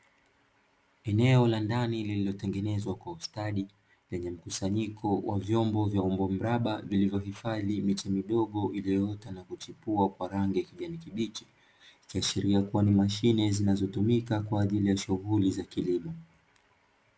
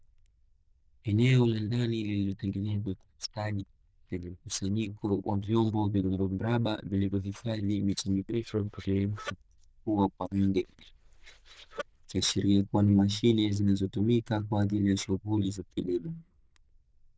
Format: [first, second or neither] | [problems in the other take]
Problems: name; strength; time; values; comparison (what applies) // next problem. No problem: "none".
first | noise reduction (neural diffusion model UNIVERSE++)